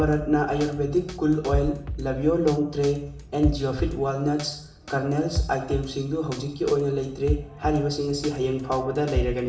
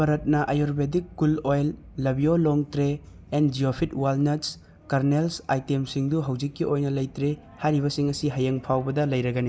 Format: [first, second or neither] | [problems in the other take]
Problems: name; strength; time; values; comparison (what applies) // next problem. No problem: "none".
second | background sound (Drum kit); 8 dB below the speech // room echo; dies away in 0.7 s